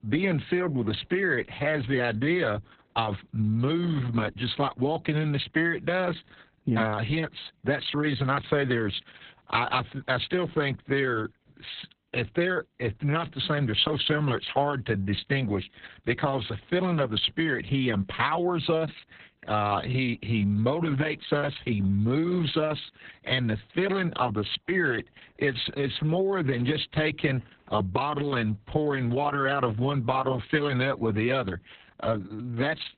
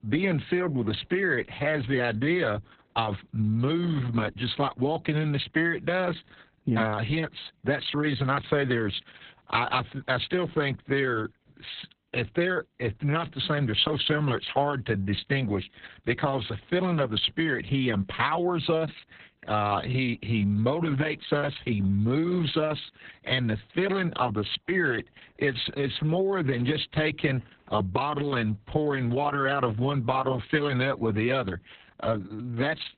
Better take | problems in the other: neither | garbled, watery; badly; nothing above 4 kHz; the same in both

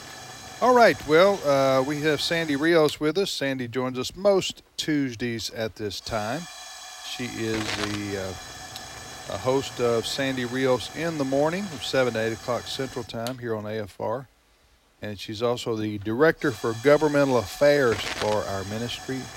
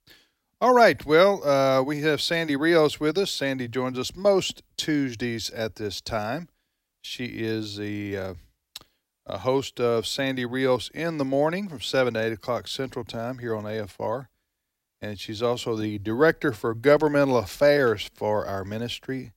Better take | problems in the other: second | hiss; noticeable; throughout; 15 dB below the speech

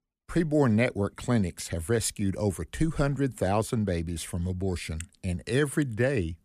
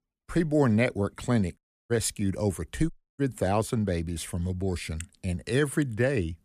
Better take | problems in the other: first | audio cutting out; at 1.5 s and at 3 s

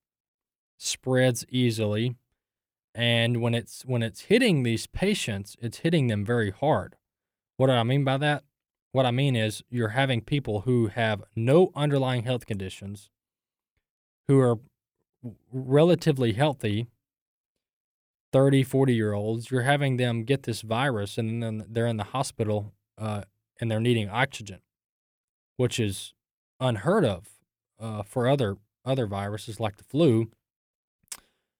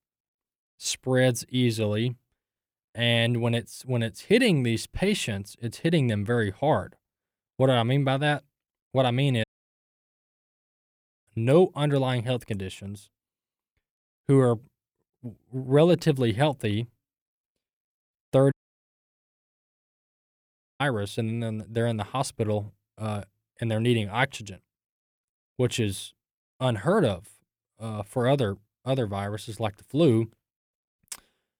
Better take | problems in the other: first | audio cutting out; at 9.5 s for 2 s and at 19 s for 2.5 s

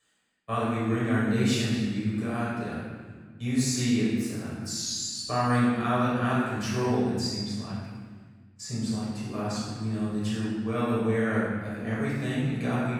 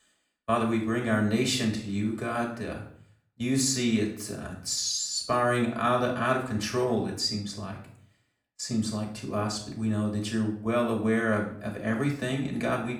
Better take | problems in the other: second | room echo; strong; dies away in 1.5 s; slight in the second // off-mic speech; far; somewhat distant in the second

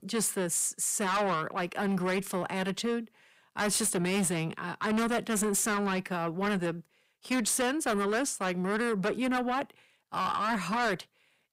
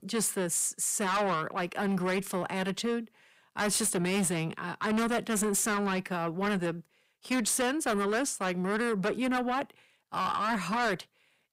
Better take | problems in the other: neither | distortion; heavy; 8 dB below the speech; the same in both

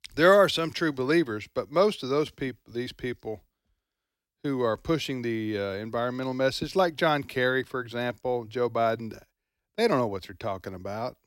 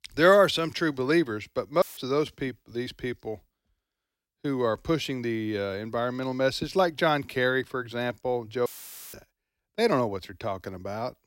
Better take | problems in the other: first | audio cutting out; filled with static; at 2 s and at 8.5 s

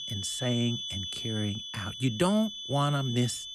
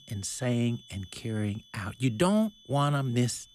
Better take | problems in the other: second | high-pitched whine; loud; throughout; 3.5 kHz, 6 dB below the speech; faint in the second

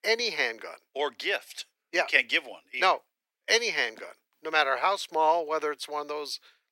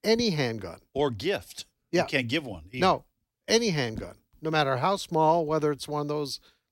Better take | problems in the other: second | thin; very; fading below 450 Hz

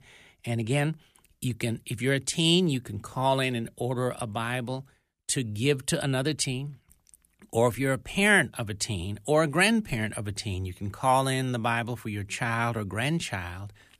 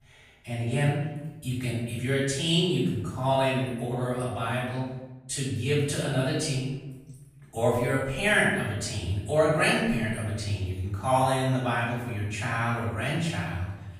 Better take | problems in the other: first | off-mic speech; far // room echo; noticeable; dies away in 1 s

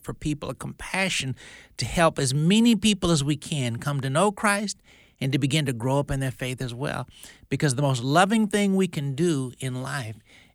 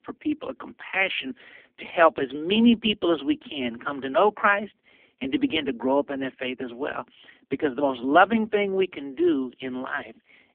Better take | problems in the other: first | phone-call audio; poor line; nothing above 3.5 kHz

